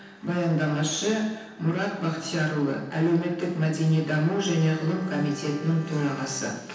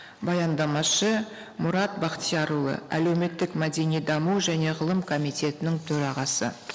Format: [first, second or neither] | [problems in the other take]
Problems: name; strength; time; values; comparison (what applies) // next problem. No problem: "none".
second | background sound (Bowed string instrument); 19 dB below the speech // room echo; dies away in 0.9 s